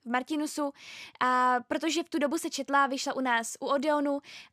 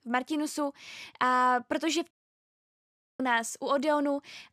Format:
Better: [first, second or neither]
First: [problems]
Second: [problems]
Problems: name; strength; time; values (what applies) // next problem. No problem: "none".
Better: first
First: none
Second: audio cutting out; at 2 s for 1 s